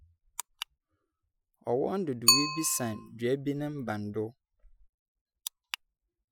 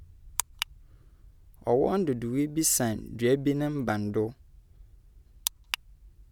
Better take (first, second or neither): second